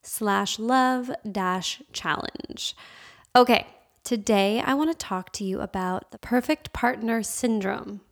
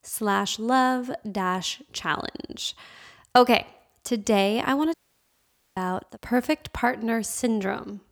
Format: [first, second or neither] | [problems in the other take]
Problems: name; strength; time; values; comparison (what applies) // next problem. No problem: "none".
first | audio cutting out; at 5 s for 1 s